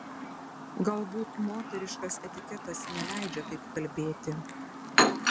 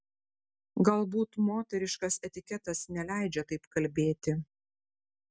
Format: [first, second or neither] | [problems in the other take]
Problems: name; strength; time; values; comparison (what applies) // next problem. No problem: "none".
second | background sound (Chirp, tweet); 3 dB above the speech